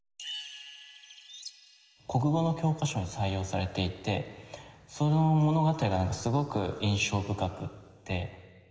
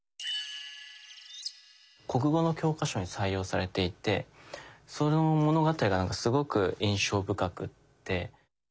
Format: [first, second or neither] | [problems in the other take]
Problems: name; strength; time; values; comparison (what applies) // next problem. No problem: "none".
second | room echo; dies away in 2 s